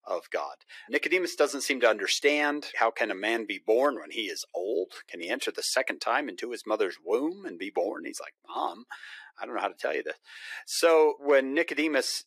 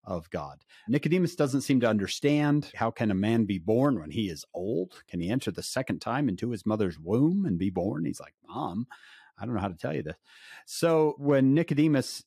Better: second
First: thin; very; fading below 400 Hz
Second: none

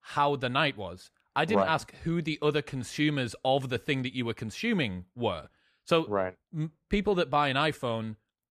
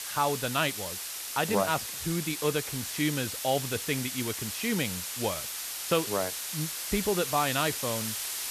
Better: first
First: none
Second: hiss; loud; throughout; 3 dB below the speech

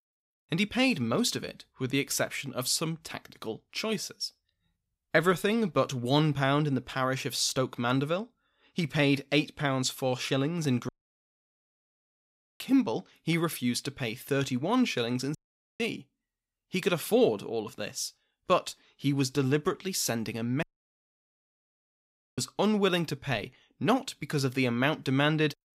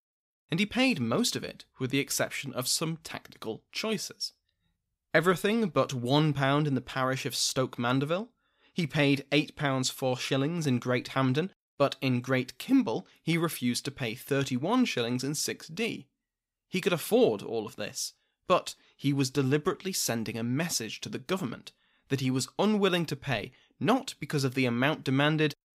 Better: second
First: audio cutting out; at 11 s for 1.5 s, at 15 s and at 21 s for 2 s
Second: none

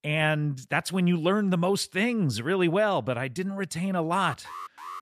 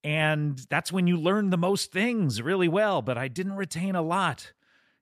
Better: second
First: alarm; faint; at 4 s; peak 15 dB below the speech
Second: none

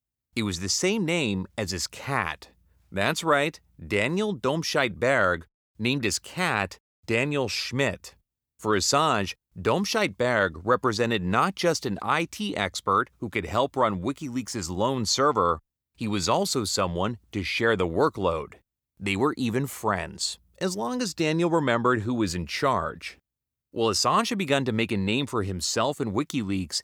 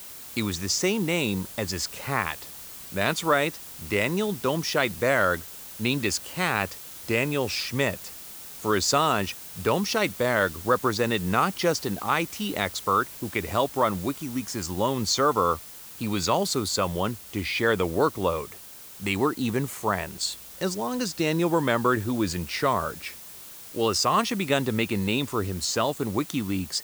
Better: first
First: none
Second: hiss; noticeable; throughout; 15 dB below the speech

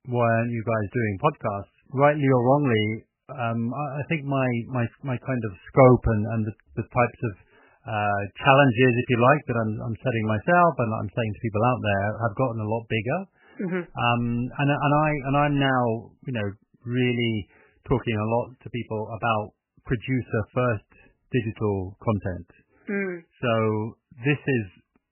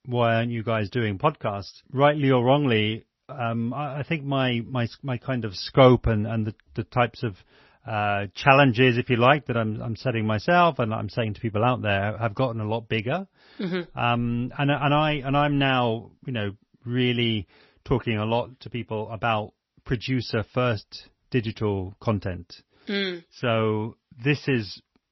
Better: second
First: garbled, watery; badly; nothing above 3 kHz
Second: garbled, watery; slightly; nothing above 5.5 kHz

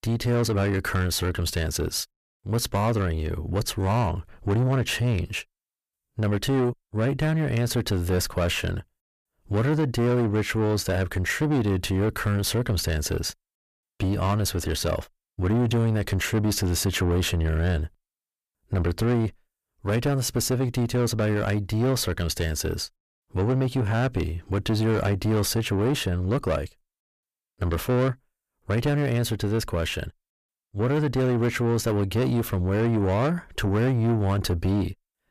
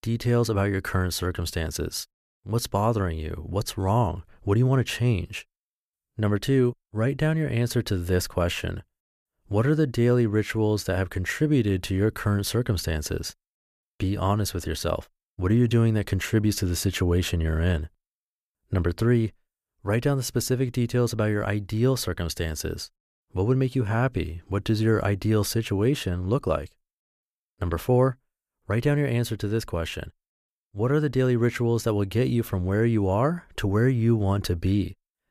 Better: second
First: distortion; slight; 10 dB below the speech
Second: none

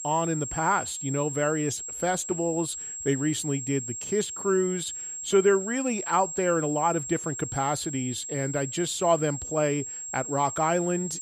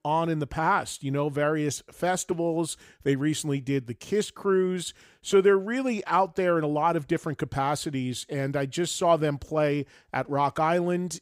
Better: second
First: high-pitched whine; loud; throughout; 7.5 kHz, 6 dB below the speech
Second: none

